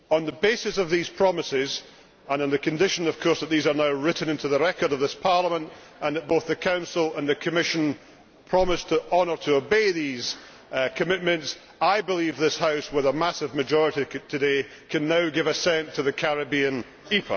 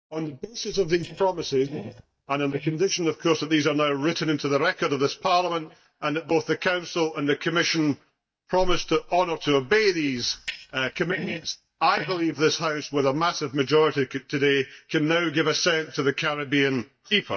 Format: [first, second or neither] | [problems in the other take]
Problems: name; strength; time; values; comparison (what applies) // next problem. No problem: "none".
first | noise reduction (neural mask model DeepFilterNet 3)